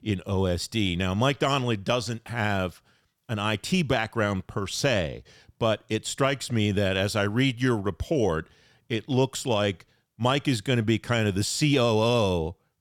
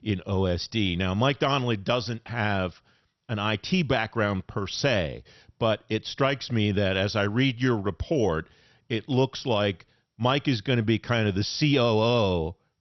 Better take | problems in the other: first | garbled, watery; slightly; nothing above 6 kHz

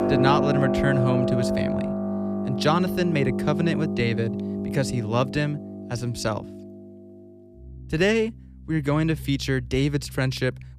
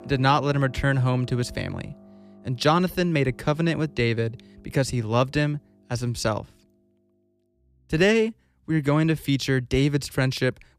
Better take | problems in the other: second | background music; loud; throughout; 2 dB below the speech; faint in the second

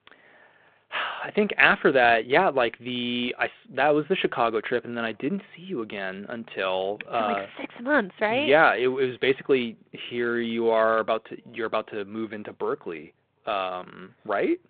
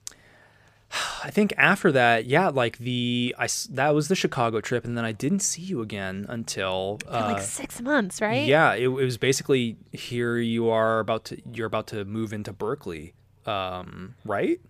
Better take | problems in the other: second | phone-call audio

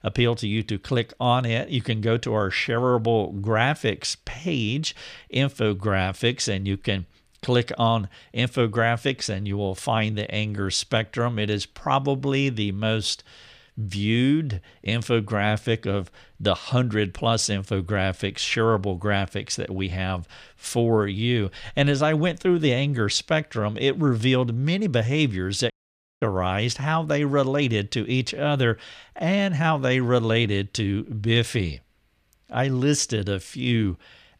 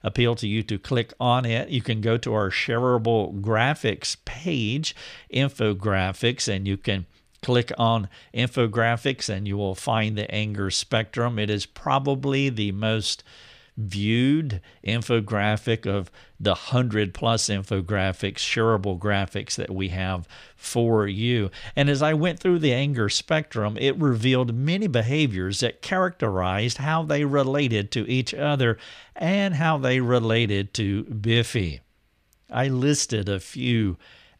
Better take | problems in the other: second | audio cutting out; at 26 s for 0.5 s

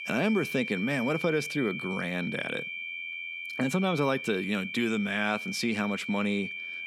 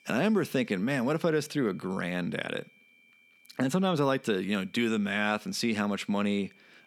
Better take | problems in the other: second | high-pitched whine; loud; throughout; 2.5 kHz, 5 dB below the speech; faint in the second

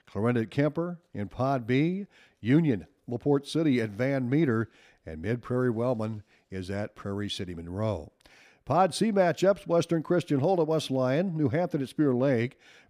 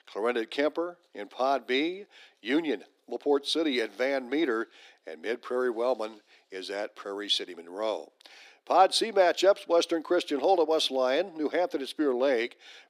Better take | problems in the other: first | thin; somewhat; fading below 300 Hz

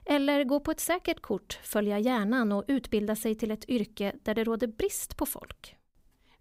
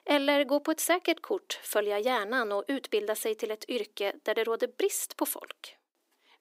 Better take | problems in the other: first | thin; somewhat; fading below 300 Hz

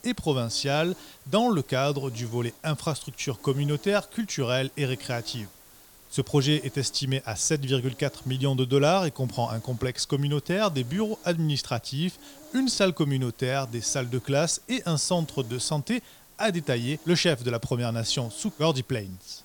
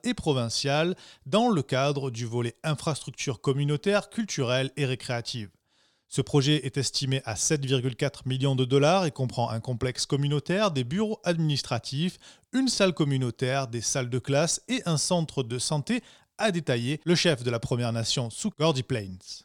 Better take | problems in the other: second | hiss; faint; throughout; 20 dB below the speech

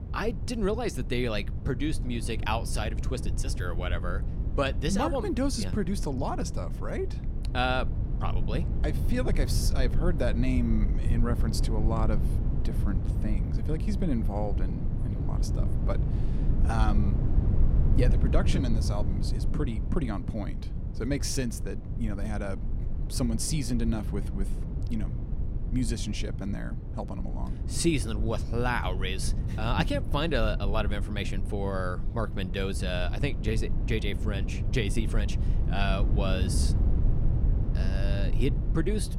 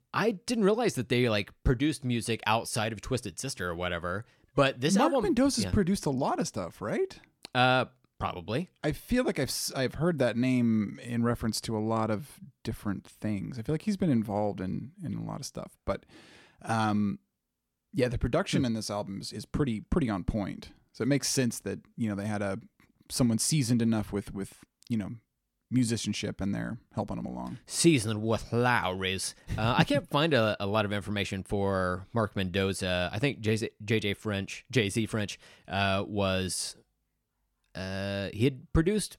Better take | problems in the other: second | low rumble; loud; throughout; 10 dB below the speech

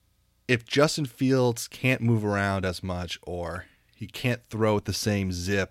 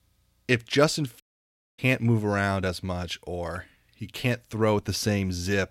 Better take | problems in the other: first | audio cutting out; at 1 s for 0.5 s

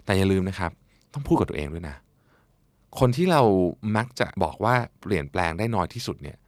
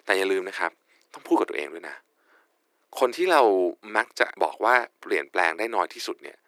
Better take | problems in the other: first | thin; very; fading below 350 Hz

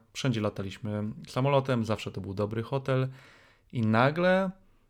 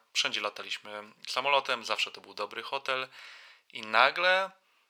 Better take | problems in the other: first | thin; very; fading below 900 Hz

